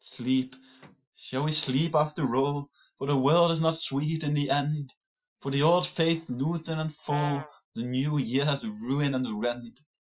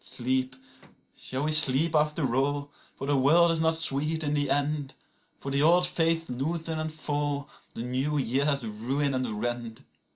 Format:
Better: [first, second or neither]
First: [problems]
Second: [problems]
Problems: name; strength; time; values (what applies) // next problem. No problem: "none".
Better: second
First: noise reduction (classical method Wiener filter)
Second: none